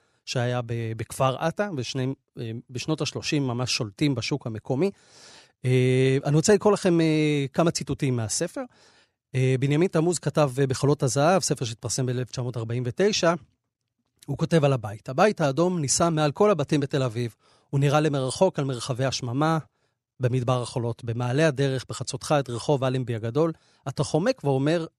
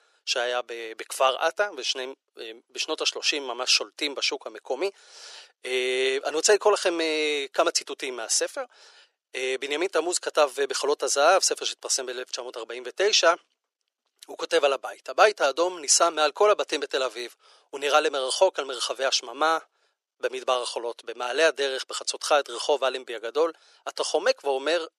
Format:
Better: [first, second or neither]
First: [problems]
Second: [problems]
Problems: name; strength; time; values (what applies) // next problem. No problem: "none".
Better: first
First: none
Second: thin; very; fading below 400 Hz